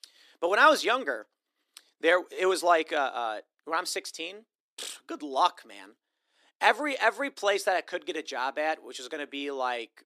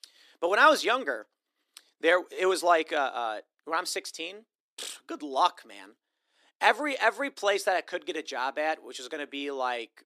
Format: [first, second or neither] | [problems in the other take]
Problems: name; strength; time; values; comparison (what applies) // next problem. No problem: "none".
neither | thin; somewhat; fading below 300 Hz; the same in both